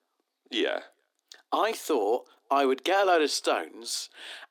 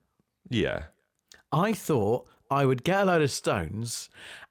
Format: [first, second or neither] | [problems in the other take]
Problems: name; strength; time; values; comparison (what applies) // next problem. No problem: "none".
second | thin; somewhat; fading below 250 Hz